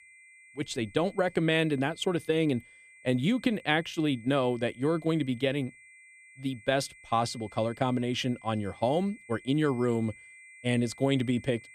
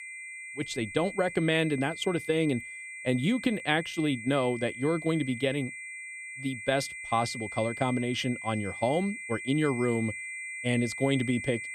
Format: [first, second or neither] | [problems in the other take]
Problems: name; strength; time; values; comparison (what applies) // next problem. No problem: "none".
first | high-pitched whine; loud; throughout; 2 kHz, 9 dB below the speech; faint in the first